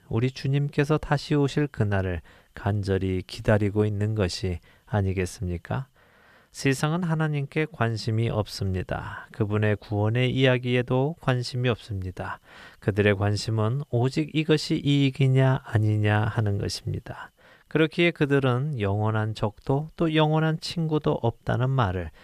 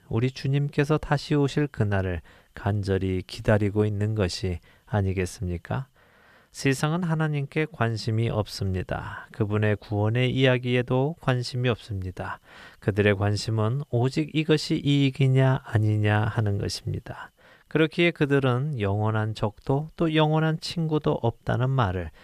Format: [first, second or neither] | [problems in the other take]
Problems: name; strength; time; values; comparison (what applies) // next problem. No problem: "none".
neither | none